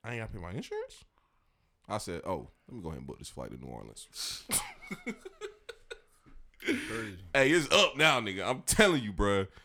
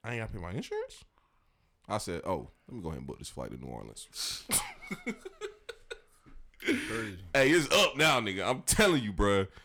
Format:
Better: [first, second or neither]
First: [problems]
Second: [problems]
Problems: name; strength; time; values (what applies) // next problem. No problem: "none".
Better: first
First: none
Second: distortion; slight; 1.2% of the sound clipped